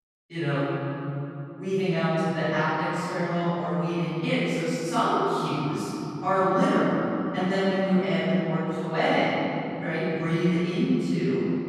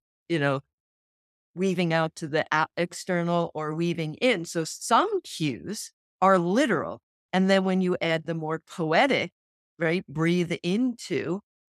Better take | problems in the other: second | off-mic speech; far // room echo; strong; dies away in 3 s

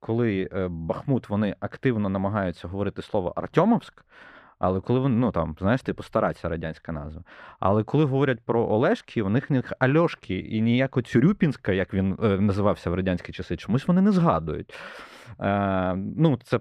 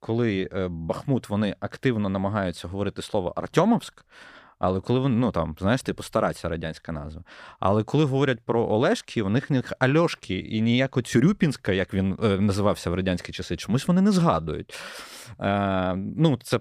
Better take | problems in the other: second | muffled; slightly; fading above 4 kHz

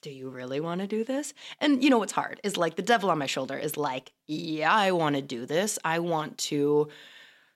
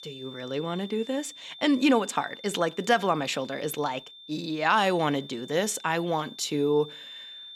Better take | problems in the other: first | high-pitched whine; noticeable; throughout; 3.5 kHz, 15 dB below the speech

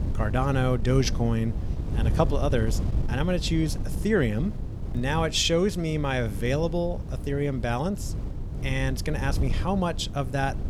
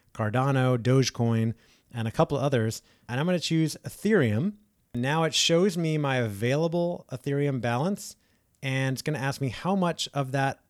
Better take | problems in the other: second | wind noise on the microphone; occasional gusts; 15 dB below the speech

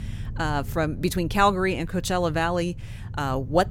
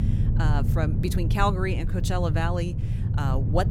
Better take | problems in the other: first | low rumble; loud; throughout; 9 dB below the speech; faint in the first

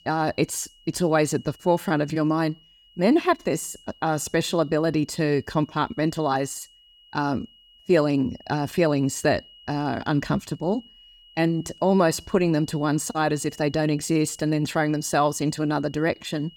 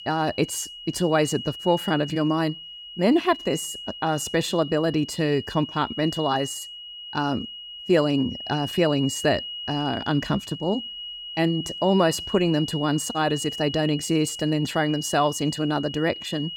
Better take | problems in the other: first | high-pitched whine; loud; throughout; 3 kHz, 10 dB below the speech; faint in the first

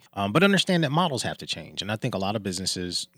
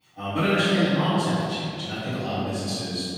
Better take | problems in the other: first | off-mic speech; far // room echo; strong; dies away in 2.4 s

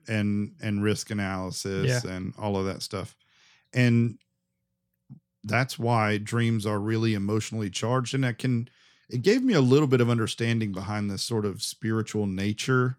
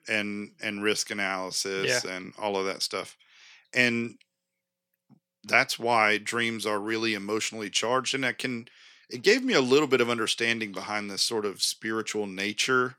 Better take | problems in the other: first | thin; somewhat; fading below 400 Hz

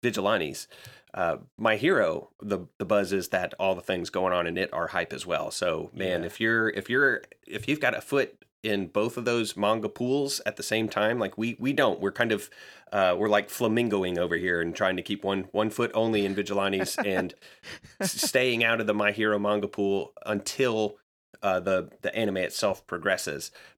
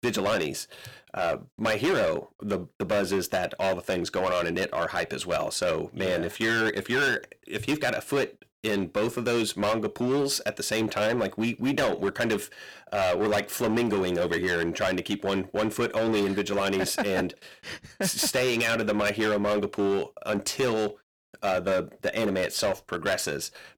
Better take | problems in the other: first | distortion; heavy; 13% of the sound clipped

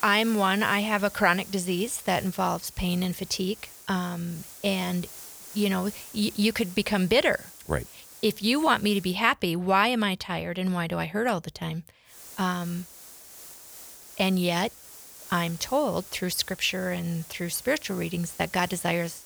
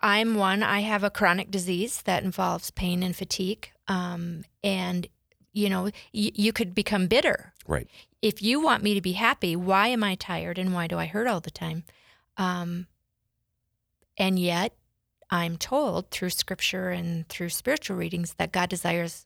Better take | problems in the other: second | hiss; noticeable; until 9 s and from 12 s on; 15 dB below the speech

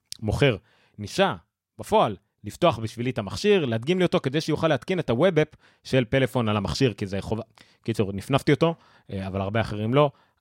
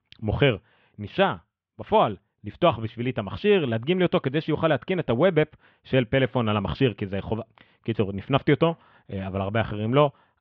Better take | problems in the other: first | muffled; very; fading above 3 kHz

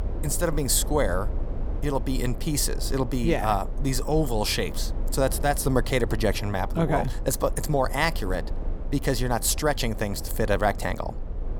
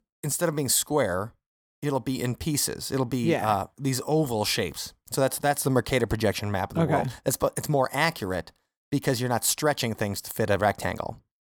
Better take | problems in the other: second | low rumble; noticeable; throughout; 15 dB below the speech

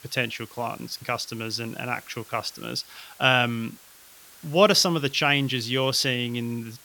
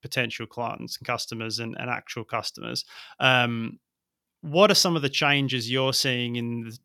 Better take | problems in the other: second | hiss; faint; throughout; 25 dB below the speech

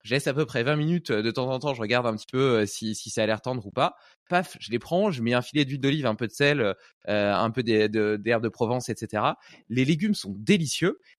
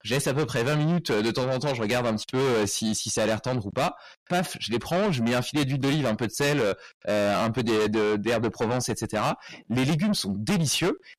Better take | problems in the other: first | distortion; heavy; 5 dB below the speech

